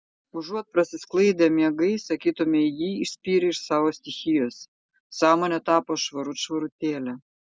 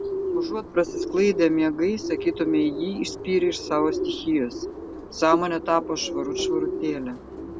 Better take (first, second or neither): first